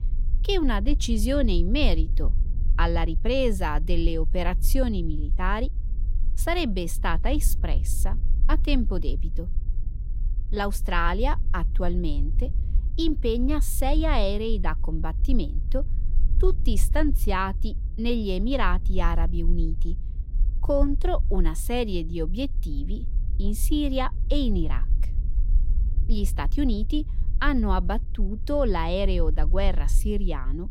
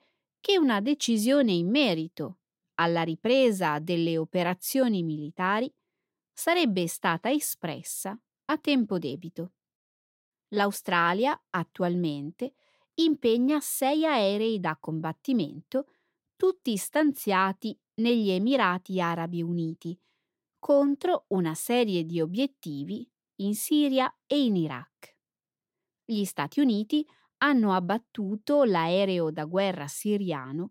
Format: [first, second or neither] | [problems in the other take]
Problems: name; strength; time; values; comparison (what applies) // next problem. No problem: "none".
second | low rumble; faint; throughout; 20 dB below the speech